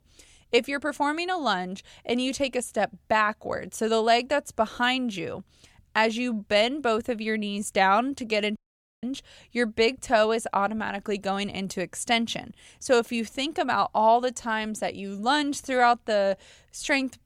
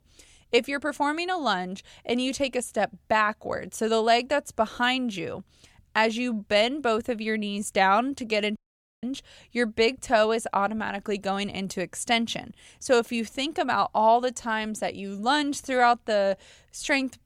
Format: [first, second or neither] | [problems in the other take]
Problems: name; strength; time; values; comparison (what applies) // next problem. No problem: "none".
neither | audio cutting out; at 8.5 s; the same in both